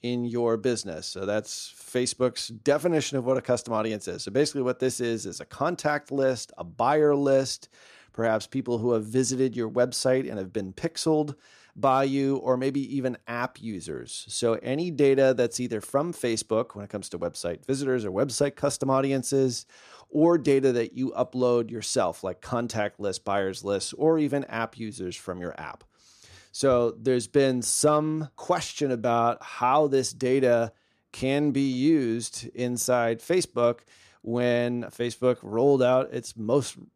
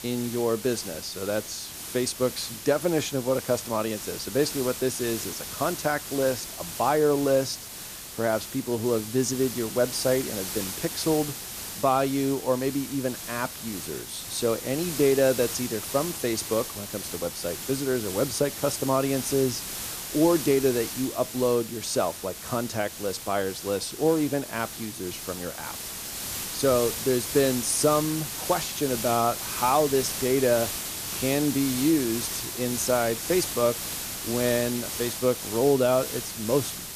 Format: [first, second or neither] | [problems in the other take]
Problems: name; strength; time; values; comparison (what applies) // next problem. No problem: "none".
first | hiss; loud; throughout; 6 dB below the speech